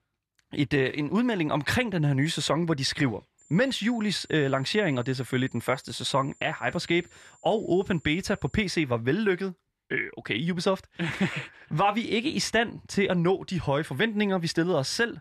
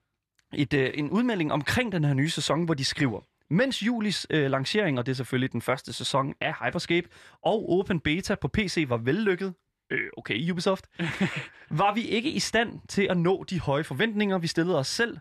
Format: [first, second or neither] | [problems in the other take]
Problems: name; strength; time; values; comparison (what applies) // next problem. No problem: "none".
second | high-pitched whine; faint; from 3.5 to 8.5 s; 7 kHz, 30 dB below the speech